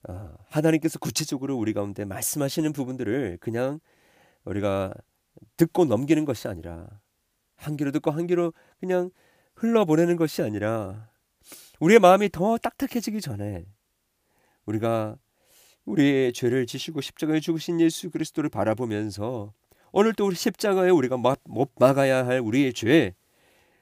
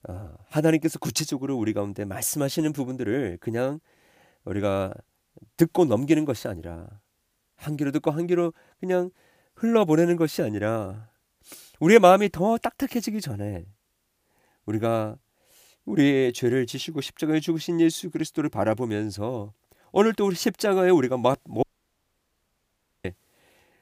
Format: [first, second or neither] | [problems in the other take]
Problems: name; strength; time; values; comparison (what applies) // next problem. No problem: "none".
first | audio cutting out; at 22 s for 1.5 s